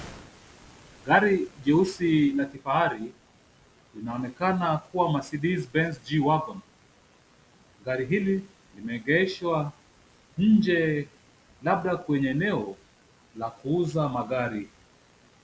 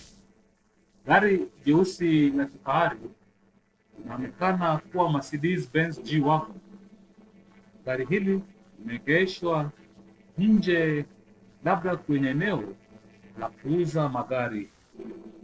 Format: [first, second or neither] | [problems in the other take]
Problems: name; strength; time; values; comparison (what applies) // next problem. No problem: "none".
first | noise reduction (neural separator model SepFormer DNS4)